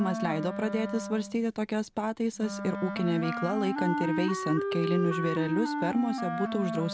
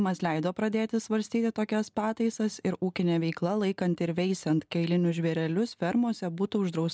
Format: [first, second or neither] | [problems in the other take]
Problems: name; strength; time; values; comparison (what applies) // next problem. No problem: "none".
second | background sound (Wind instrument, woodwind instrument); 3 dB below the speech